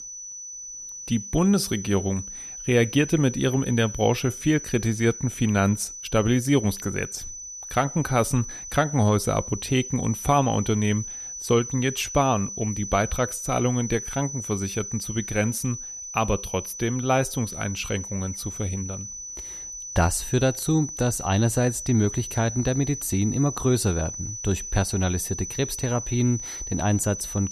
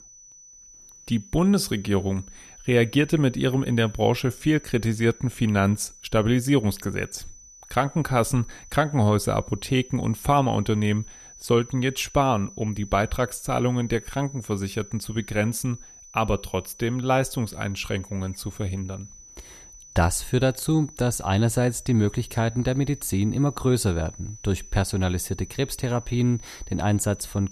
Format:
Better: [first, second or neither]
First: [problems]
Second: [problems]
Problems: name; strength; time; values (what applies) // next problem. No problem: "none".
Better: second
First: high-pitched whine; loud; throughout; 6 kHz, 9 dB below the speech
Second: high-pitched whine; faint; throughout; 6 kHz, 20 dB below the speech